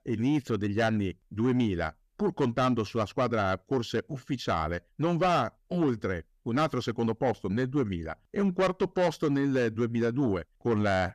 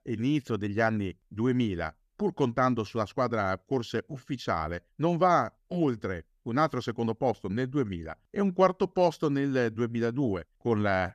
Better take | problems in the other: second | distortion; slight; 10 dB below the speech

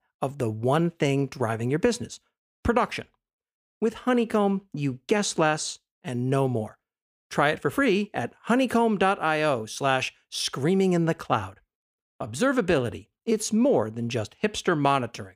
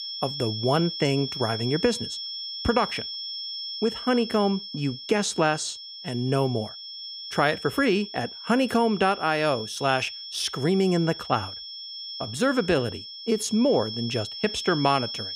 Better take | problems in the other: first | high-pitched whine; loud; throughout; 5.5 kHz, 8 dB below the speech

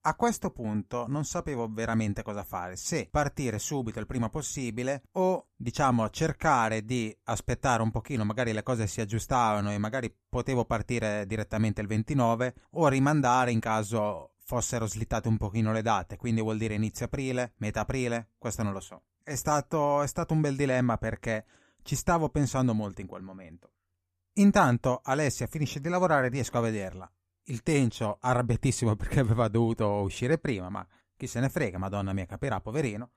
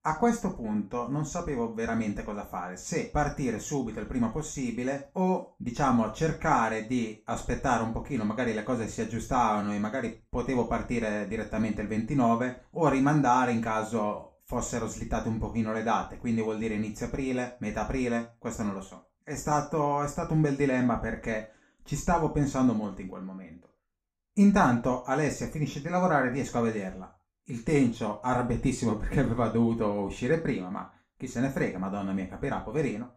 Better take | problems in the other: first | room echo; slight; dies away in 0.3 s // off-mic speech; far

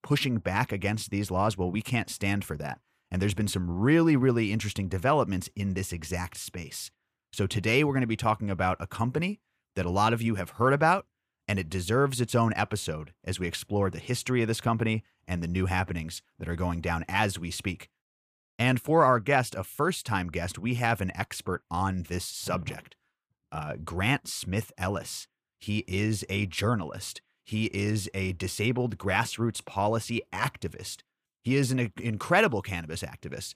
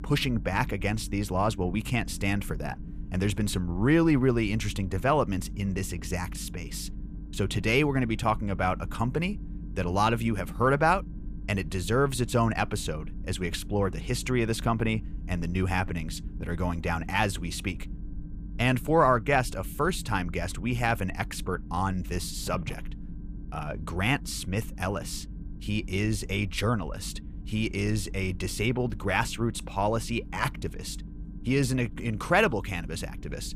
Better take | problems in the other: first | low rumble; faint; throughout; 20 dB below the speech

